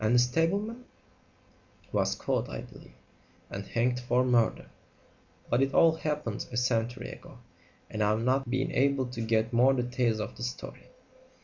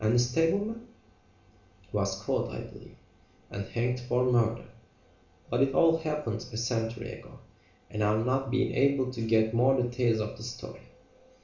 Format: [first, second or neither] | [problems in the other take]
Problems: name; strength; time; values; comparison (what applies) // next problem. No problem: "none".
first | room echo; dies away in 0.5 s